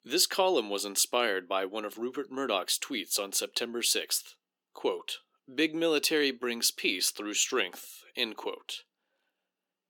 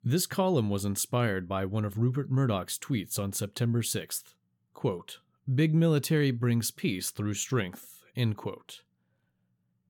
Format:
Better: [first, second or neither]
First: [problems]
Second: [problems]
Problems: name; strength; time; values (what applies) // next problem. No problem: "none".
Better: second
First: thin; very; fading below 300 Hz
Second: none